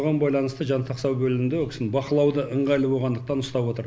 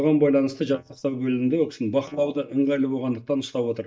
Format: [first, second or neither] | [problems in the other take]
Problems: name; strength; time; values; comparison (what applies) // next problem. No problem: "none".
first | noise reduction (neural mask model DeepFilterNet 3)